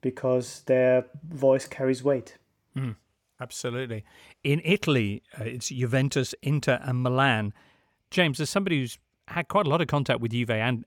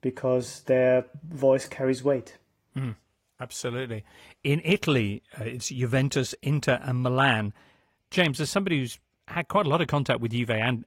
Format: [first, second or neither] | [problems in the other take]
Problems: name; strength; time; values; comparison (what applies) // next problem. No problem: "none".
first | garbled, watery; slightly; nothing above 15.5 kHz